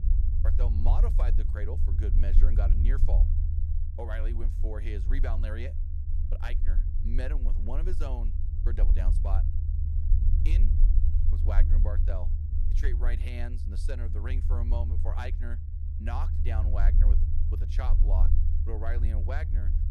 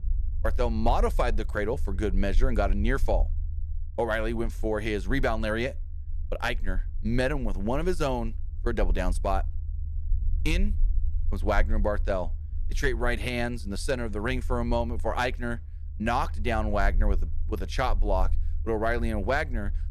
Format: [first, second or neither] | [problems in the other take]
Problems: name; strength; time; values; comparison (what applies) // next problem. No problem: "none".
second | low rumble; loud; throughout; 5 dB below the speech; faint in the second